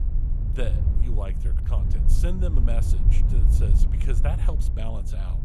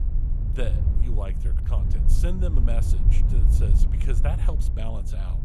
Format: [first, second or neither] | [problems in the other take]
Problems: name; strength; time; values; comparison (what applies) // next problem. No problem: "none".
neither | wind noise on the microphone; heavy; 3 dB below the speech; the same in both